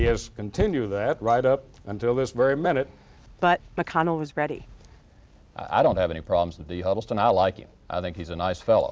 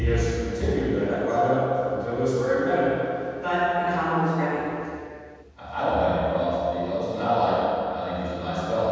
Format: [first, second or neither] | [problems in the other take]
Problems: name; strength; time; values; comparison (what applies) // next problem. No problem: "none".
first | room echo; dies away in 2.1 s